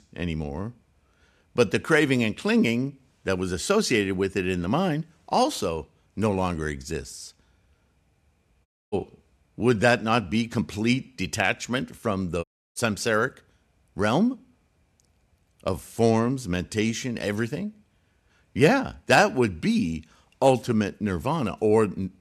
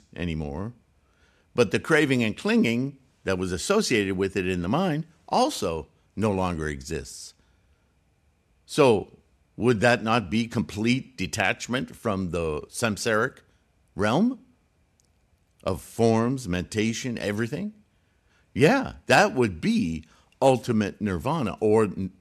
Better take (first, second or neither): second